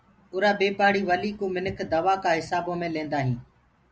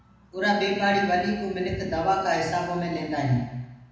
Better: first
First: none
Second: room echo; dies away in 1.1 s

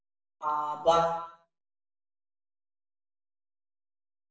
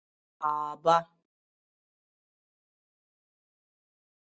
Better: second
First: room echo; dies away in 0.7 s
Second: none

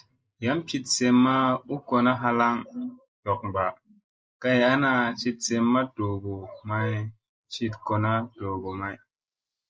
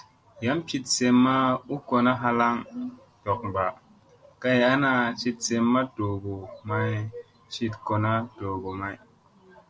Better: second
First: noise reduction (neural mask model Resemble Enhance denoiser)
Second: none

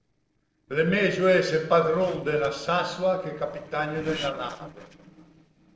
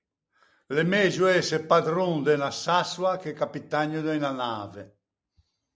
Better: second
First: noise reduction (neural separator model SepFormer DNS4)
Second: none

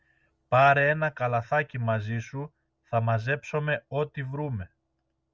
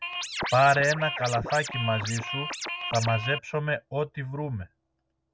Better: first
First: none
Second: background sound (Scratching (performance technique)); 6 dB below the speech

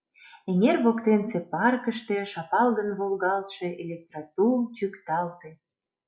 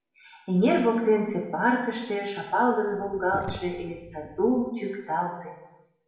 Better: first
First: none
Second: background sound (Sink (filling or washing)); 14 dB below the speech // room echo; dies away in 0.9 s

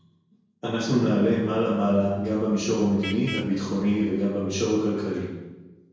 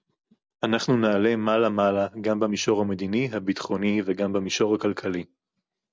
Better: second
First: background sound (Vehicle horn, car horn, honking); 12 dB below the speech // room echo; dies away in 1 s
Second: none

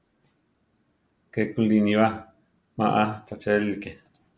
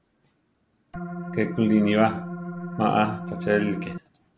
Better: first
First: none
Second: background sound (Organ); 7 dB below the speech

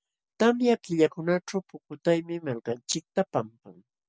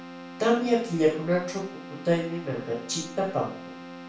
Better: first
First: none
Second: background sound (Keyboard (musical)); 13 dB below the speech // room echo; dies away in 0.4 s

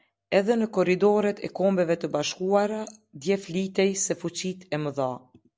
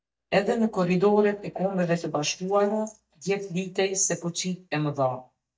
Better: first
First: none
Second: noise reduction (neural mask model DeepFilterNet 3)

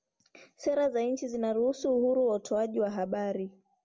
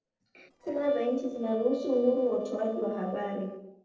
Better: first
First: none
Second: noise reduction (neural separator model SepFormer DNS4)

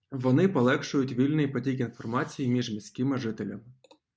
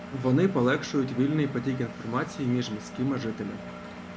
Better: first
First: none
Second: background sound (Engine); 13 dB below the speech

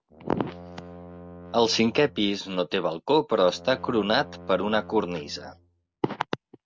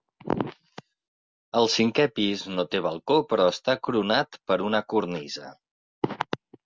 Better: second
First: background sound (Brass instrument); 19 dB below the speech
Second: none

